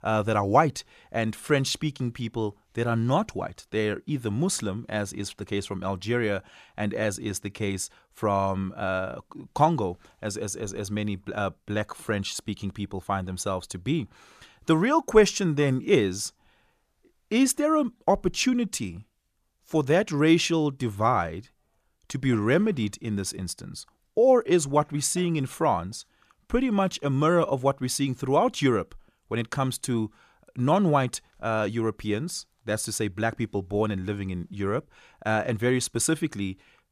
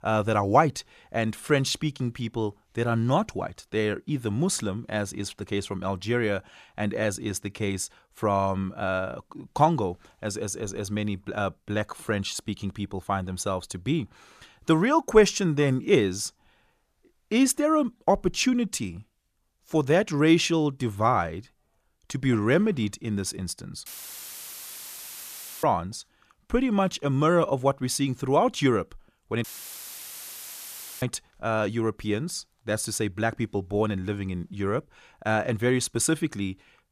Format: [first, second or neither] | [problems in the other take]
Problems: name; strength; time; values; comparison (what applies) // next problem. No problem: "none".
first | audio cutting out; filled with static; at 24 s for 2 s and at 29 s for 1.5 s